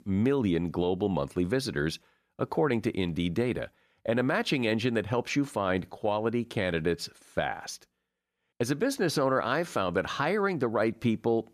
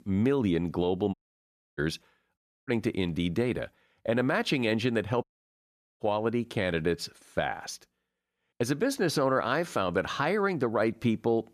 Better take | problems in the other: first | audio cutting out; at 1 s for 0.5 s, at 2.5 s and at 5 s for 1 s

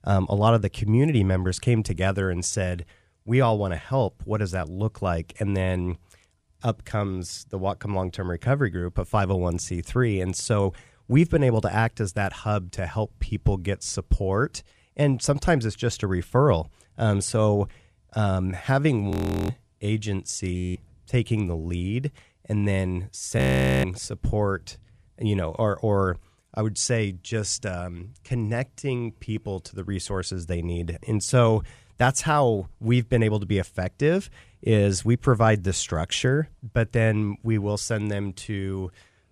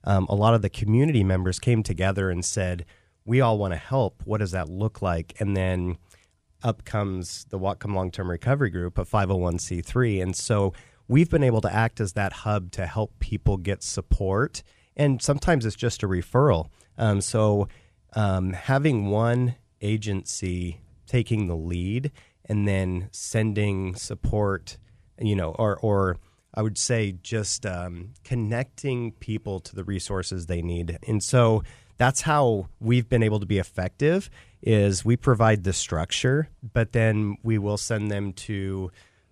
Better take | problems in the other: second | audio freezing; at 19 s, at 21 s and at 23 s

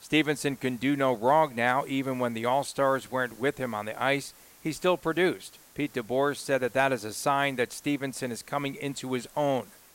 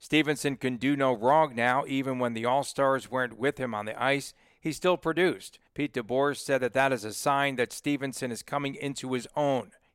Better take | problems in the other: second | hiss; faint; throughout; 25 dB below the speech

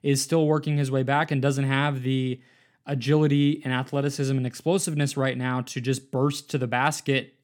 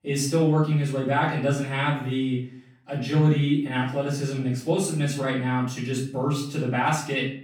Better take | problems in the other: first | off-mic speech; far // room echo; noticeable; dies away in 0.4 s

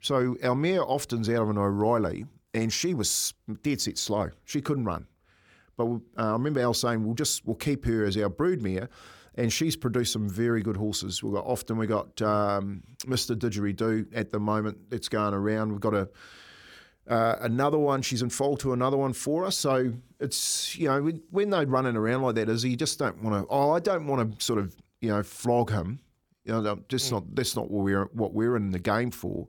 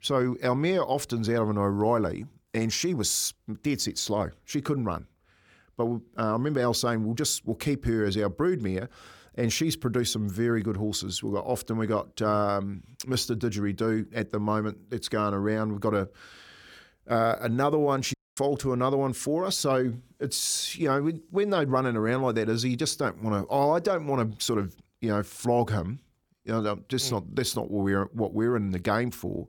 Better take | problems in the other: first | audio cutting out; at 18 s

